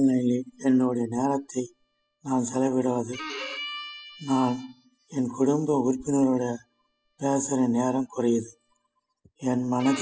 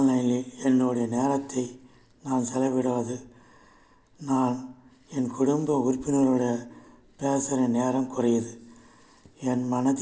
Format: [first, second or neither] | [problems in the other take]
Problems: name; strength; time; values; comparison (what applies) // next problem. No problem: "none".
second | noise reduction (classical method spectral subtraction)